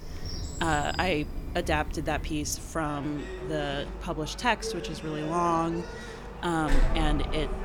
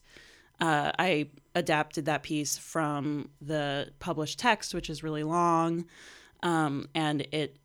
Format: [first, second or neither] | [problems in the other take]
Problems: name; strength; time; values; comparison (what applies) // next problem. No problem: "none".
second | animal sounds; loud; throughout; 6 dB below the speech